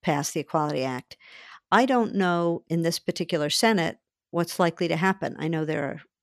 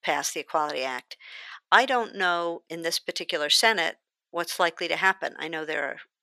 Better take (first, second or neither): first